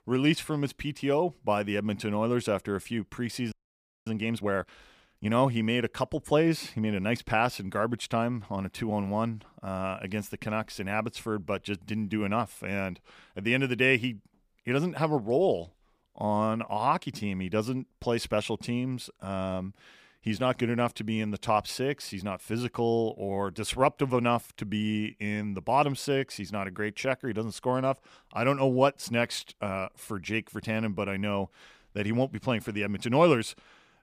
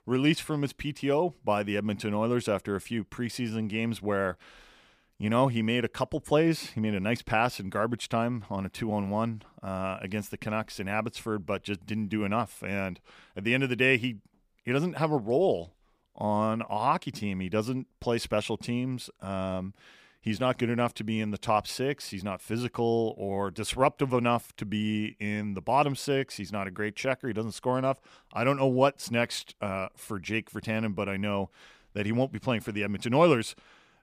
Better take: second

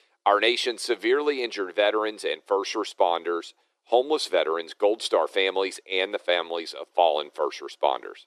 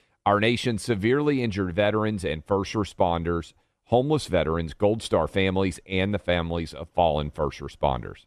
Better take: second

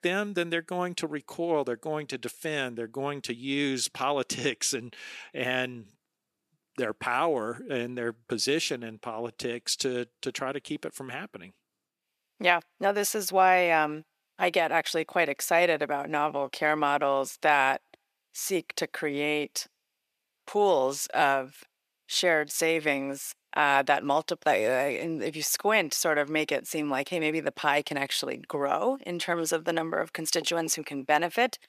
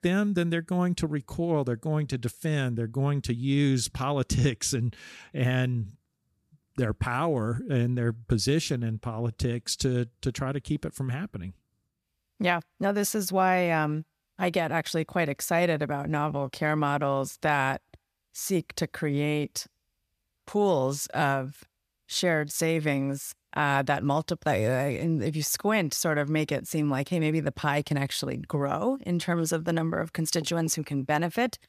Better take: second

